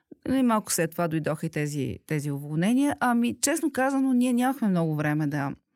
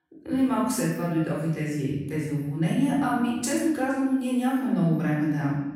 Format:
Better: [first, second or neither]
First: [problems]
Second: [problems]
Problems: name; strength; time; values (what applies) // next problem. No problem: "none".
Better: first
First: none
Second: off-mic speech; far // room echo; noticeable; dies away in 1.1 s